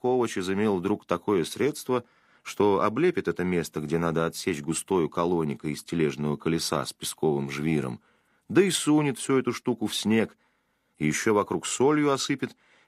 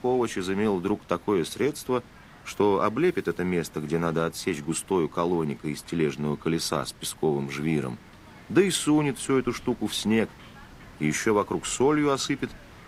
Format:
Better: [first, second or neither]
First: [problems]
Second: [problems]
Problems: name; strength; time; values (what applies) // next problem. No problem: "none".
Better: first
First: none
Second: hiss; faint; throughout; 25 dB below the speech